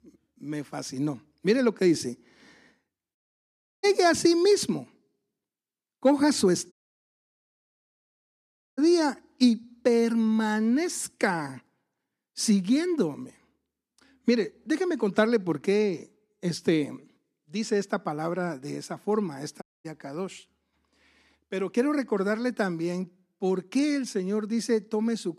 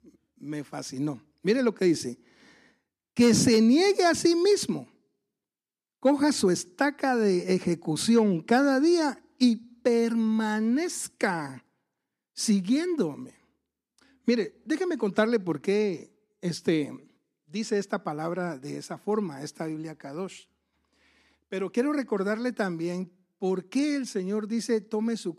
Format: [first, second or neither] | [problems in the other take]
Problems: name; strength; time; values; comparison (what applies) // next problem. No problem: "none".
second | audio cutting out; at 3 s for 0.5 s, at 6.5 s for 2 s and at 20 s